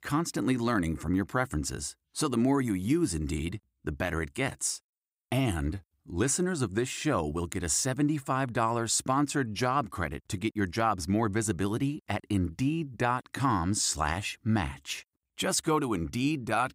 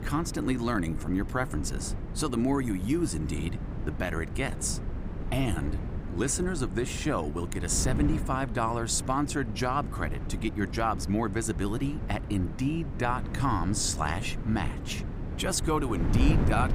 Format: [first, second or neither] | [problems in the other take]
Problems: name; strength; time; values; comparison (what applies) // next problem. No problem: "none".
first | wind noise on the microphone; occasional gusts; 10 dB below the speech